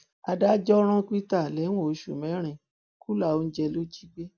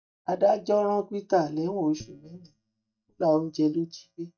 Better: first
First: none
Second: noise reduction (neural mask model DeepFilterNet 3)

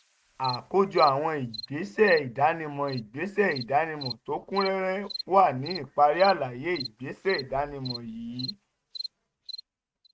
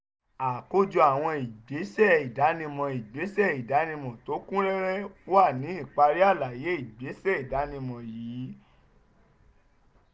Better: second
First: noise reduction (neural mask model RNNoise)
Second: none

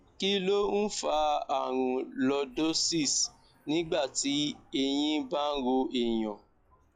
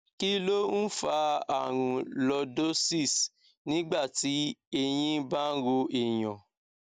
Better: second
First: noise reduction (classical method log-MMSE)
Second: none

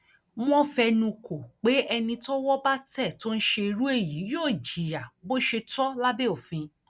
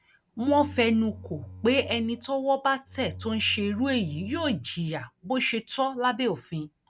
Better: first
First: none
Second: background sound (Bowed string instrument); 16 dB below the speech

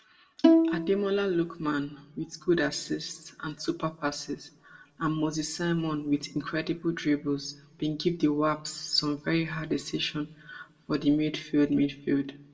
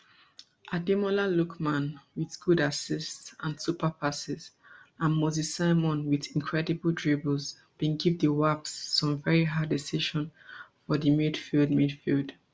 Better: second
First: background sound (Bowed string instrument); 4 dB above the speech // room echo; dies away in 0.2 s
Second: none

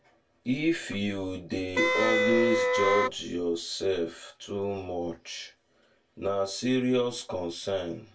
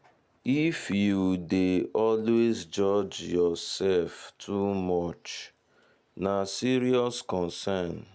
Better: second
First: background sound (Wind instrument, woodwind instrument); 4 dB above the speech // room echo; dies away in 0.2 s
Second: none

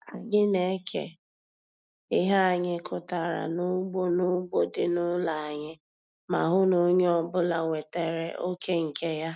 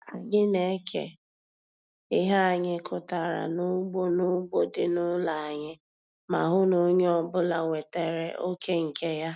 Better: second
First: noise reduction (neural mask model Resemble Enhance denoiser)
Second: none

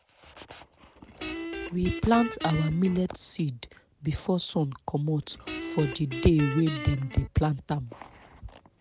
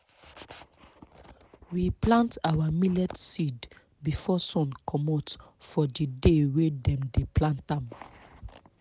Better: second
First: background sound (Guitar); 9 dB below the speech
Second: none

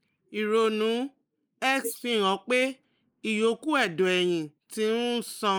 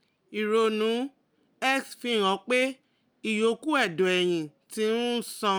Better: second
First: noise reduction (neural mask model Resemble Enhance denoiser)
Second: none

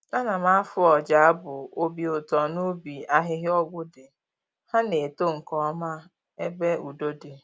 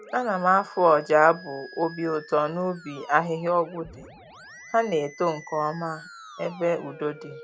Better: first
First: none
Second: background sound (Musical instrument); 20 dB below the speech

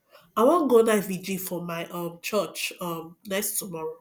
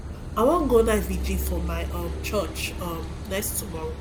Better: first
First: none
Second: background sound (Car passing by / Idling / Accelerating, revving, vroom); 4 dB below the speech

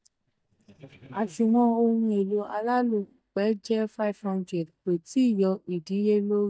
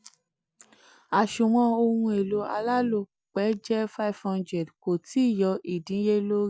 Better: second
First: noise reduction (neural mask model DeepFilterNet 3)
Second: none

